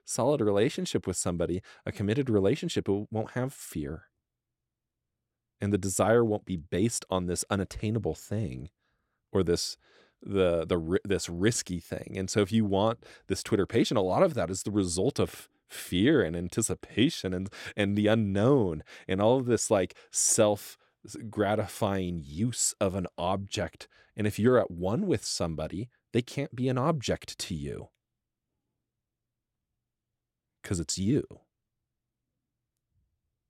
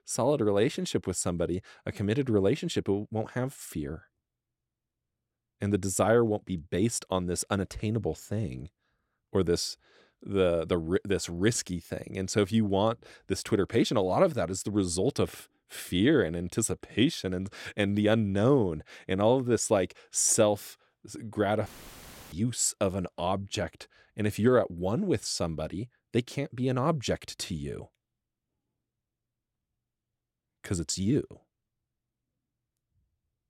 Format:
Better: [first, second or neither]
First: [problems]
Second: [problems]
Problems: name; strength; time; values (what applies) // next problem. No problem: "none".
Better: first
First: none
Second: audio cutting out; filled with static; at 22 s for 0.5 s